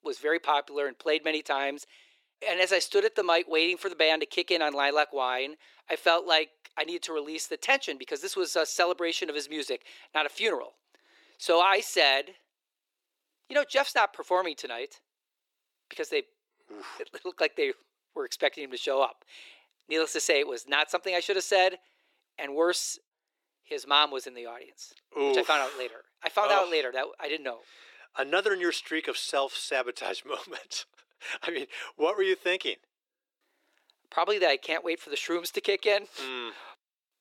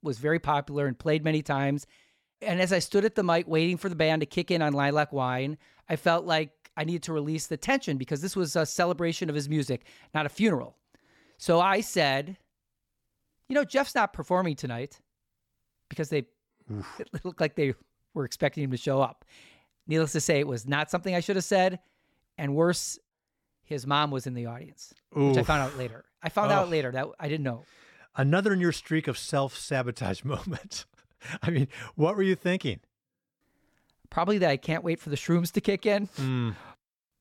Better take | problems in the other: second | thin; very; fading below 350 Hz

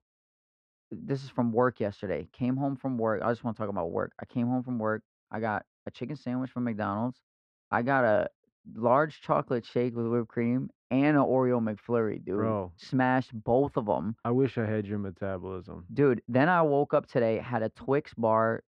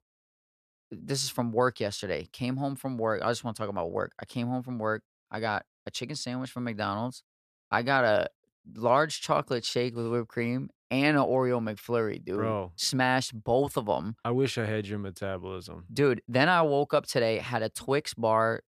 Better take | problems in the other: second | muffled; very; fading above 1.5 kHz

